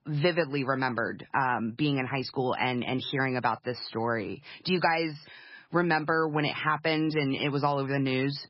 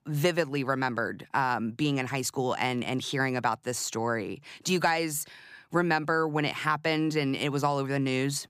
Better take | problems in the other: second | garbled, watery; badly; nothing above 5.5 kHz

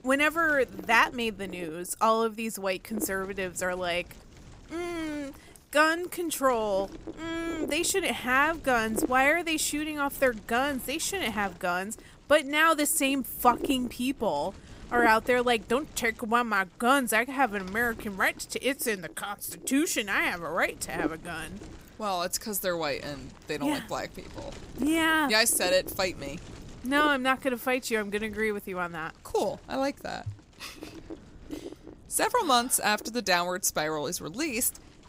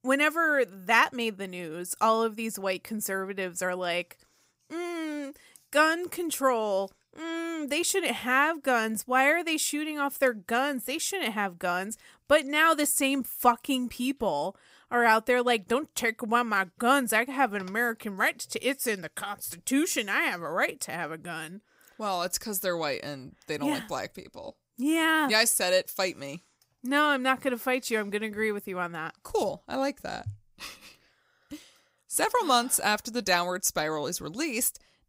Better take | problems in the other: second | wind noise on the microphone; occasional gusts; 20 dB below the speech

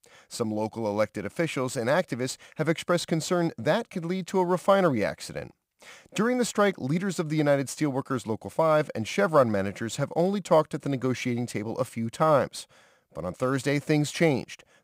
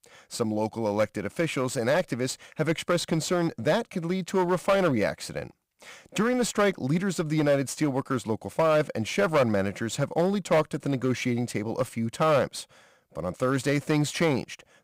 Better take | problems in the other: first | distortion; slight; 4% of the sound clipped

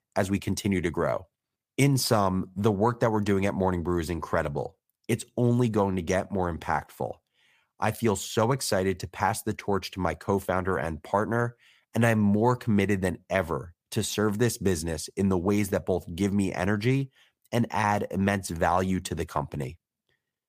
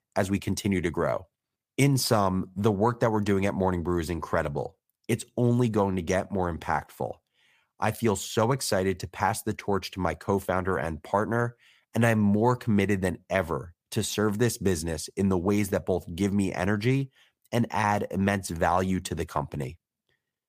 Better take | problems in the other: neither | none

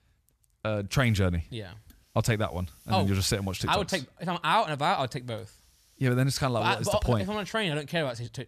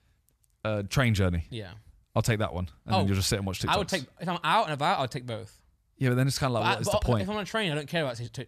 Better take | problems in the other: second | hiss; faint; from 1 to 3.5 s and from 5 to 7.5 s; 30 dB below the speech

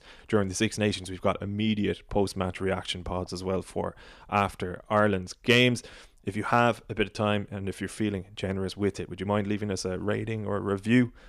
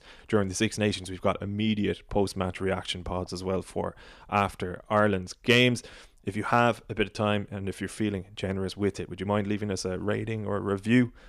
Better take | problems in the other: neither | none

